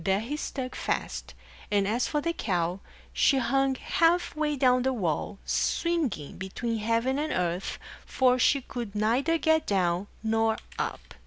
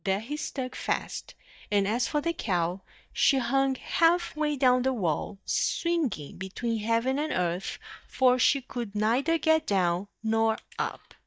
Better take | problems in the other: first | noise reduction (neural mask model DeepFilterNet 3)

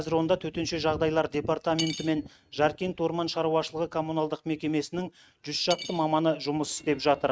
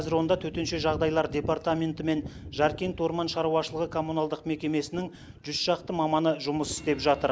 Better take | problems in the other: second | noise reduction (neural mask model RNNoise)

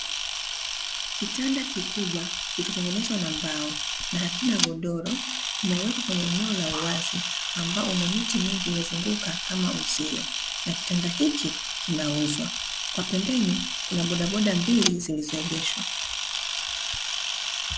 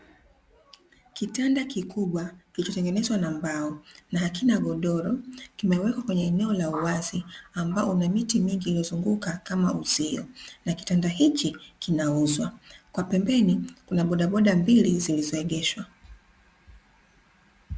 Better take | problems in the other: second | background sound (Camera); 1 dB below the speech

